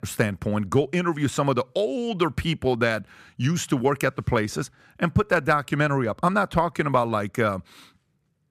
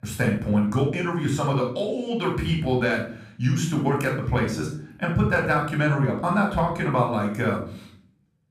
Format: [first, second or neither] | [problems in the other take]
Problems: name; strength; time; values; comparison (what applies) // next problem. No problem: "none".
first | off-mic speech; somewhat distant // room echo; noticeable; dies away in 0.5 s